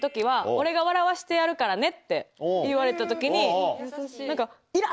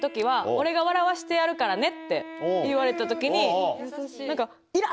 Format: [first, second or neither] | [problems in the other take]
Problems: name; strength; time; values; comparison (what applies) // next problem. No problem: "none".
first | background sound (Wind instrument, woodwind instrument); 17 dB below the speech